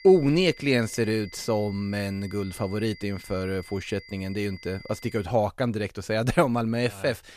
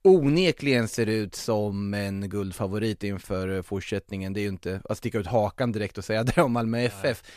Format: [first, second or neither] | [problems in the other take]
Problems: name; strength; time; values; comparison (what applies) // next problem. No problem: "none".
second | high-pitched whine; noticeable; until 5 s; 2 kHz, 20 dB below the speech